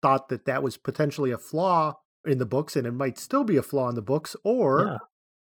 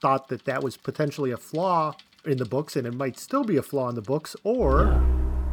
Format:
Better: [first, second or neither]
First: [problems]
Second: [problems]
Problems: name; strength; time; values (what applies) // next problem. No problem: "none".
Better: first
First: none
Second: traffic noise; very loud; throughout; 2 dB above the speech